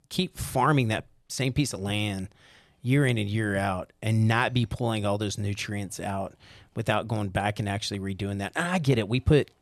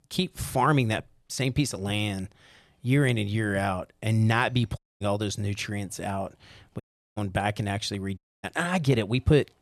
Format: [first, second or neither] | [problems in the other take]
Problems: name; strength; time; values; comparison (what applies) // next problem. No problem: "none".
first | audio cutting out; at 5 s, at 7 s and at 8 s